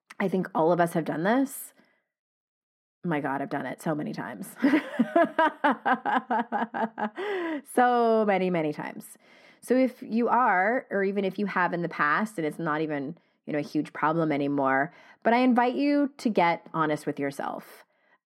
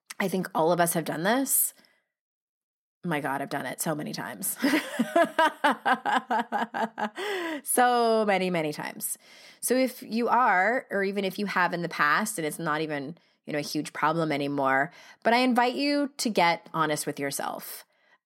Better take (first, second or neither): second